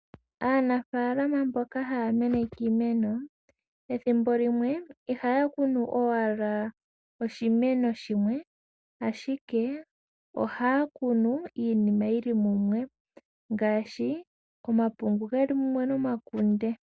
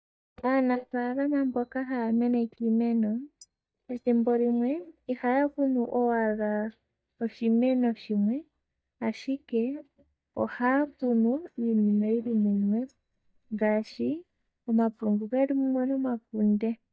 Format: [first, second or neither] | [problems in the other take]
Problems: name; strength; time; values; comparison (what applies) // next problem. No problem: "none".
first | noise reduction (neural mask model DeepFilterNet 3)